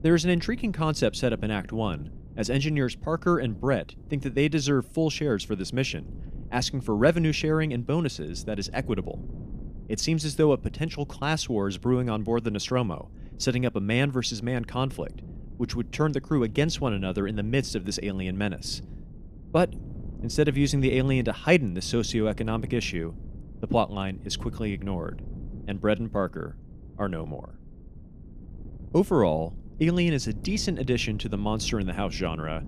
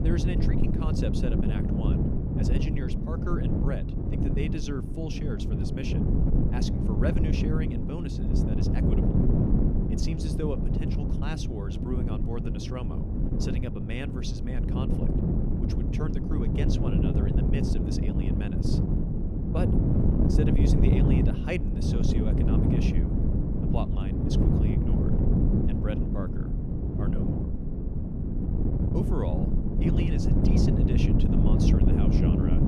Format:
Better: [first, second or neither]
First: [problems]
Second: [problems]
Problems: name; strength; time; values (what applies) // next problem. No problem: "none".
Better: first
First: wind noise on the microphone; occasional gusts; 25 dB below the speech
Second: wind noise on the microphone; heavy; 4 dB above the speech